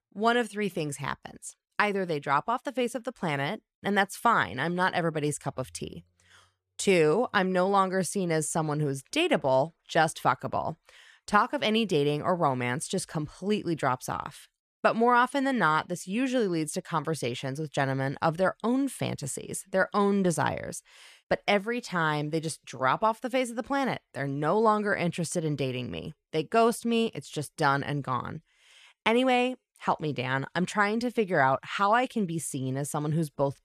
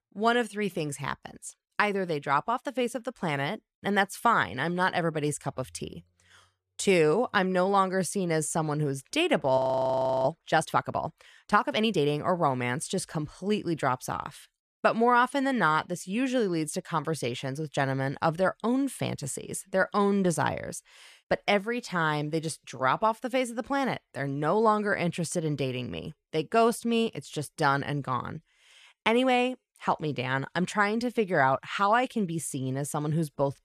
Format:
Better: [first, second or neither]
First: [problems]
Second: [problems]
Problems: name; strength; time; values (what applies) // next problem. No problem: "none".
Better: first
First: none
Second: audio freezing; at 9.5 s for 0.5 s